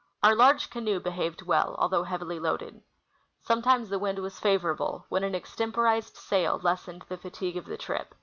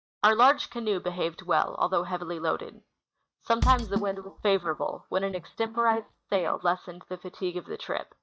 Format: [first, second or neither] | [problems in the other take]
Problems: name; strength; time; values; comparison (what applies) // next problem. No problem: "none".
first | noise reduction (neural mask model DeepFilterNet 3)